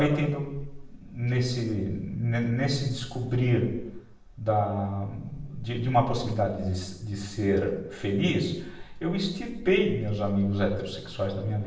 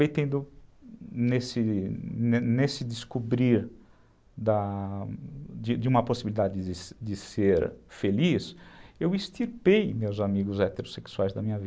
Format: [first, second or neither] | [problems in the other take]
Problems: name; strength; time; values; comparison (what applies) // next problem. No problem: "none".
second | room echo; dies away in 0.7 s